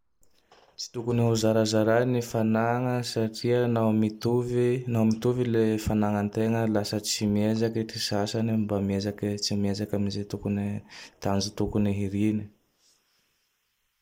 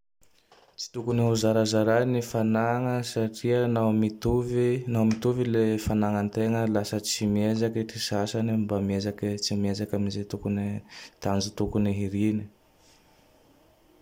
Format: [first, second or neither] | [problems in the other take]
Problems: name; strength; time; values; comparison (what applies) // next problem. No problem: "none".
second | noise reduction (neural mask model Resemble Enhance denoiser)